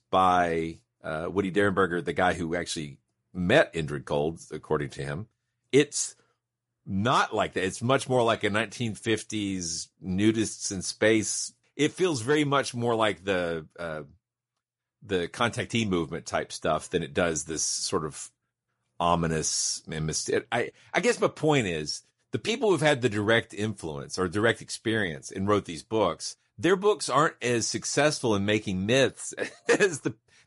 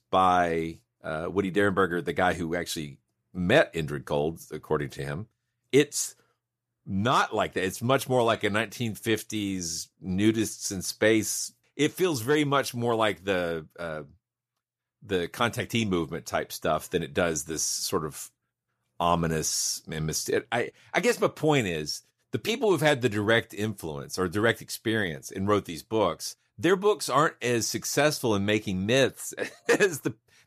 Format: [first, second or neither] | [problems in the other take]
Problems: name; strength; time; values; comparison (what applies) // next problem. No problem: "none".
second | garbled, watery; slightly; nothing above 11 kHz